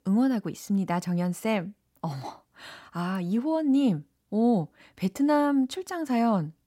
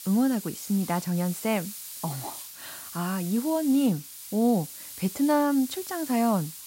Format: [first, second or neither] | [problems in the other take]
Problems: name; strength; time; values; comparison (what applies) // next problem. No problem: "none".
first | hiss; noticeable; throughout; 10 dB below the speech